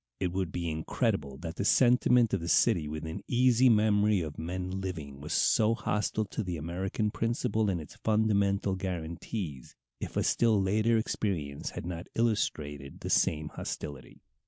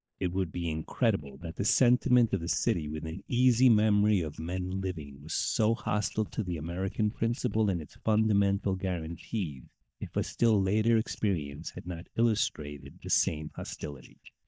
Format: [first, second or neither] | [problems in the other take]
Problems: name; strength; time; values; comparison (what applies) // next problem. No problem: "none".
first | noise reduction (neural mask model DeepFilterNet 3)